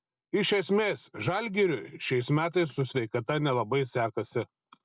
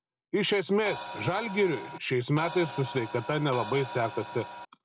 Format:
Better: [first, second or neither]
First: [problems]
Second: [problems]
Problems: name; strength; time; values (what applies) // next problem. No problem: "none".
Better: first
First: none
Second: background sound (Crash cymbal); 11 dB below the speech